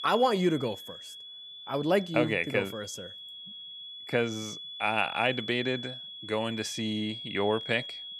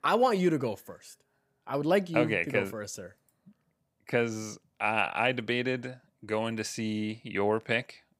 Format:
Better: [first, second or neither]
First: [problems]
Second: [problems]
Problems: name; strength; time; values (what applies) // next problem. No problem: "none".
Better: second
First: high-pitched whine; noticeable; throughout; 3.5 kHz, 10 dB below the speech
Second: none